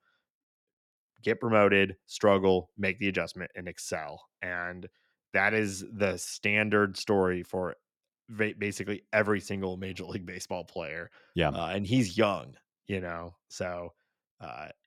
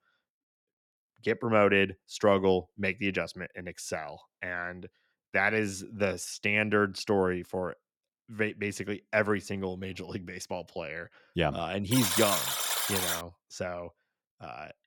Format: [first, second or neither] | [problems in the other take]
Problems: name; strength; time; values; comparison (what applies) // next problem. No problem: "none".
first | alarm; loud; from 12 to 13 s; peak 4 dB above the speech